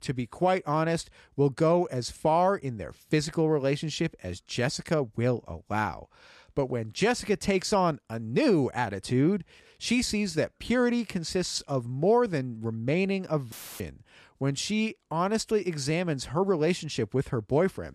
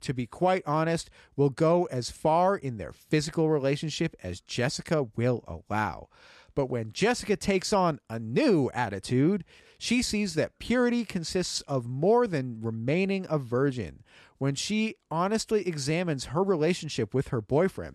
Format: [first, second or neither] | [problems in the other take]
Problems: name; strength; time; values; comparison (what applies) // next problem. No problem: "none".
second | audio cutting out; filled with static; at 14 s